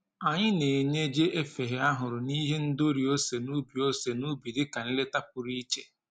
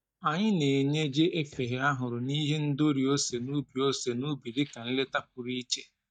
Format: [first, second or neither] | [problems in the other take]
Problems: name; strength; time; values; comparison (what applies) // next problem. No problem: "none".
first | noise reduction (neural mask model DeepFilterNet 3)